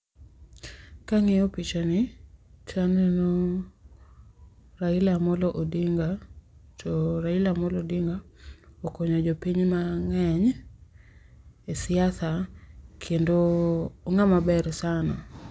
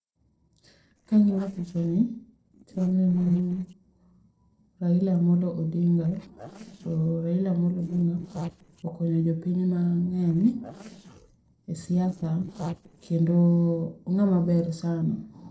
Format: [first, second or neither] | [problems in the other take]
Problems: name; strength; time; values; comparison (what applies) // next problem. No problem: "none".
first | noise reduction (neural separator model SepFormer DNS4)